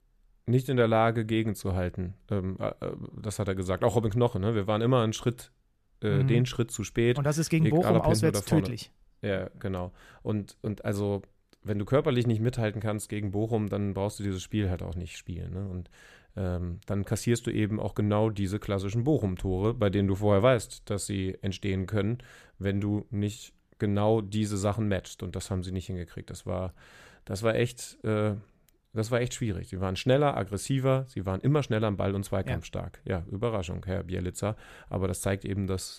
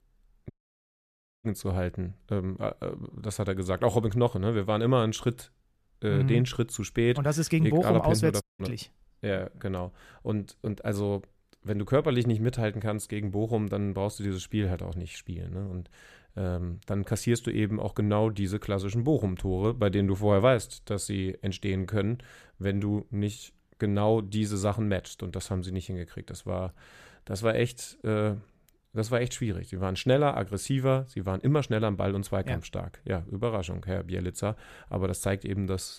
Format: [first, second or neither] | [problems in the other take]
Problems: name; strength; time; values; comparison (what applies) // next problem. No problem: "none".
first | audio cutting out; at 0.5 s for 1 s and at 8.5 s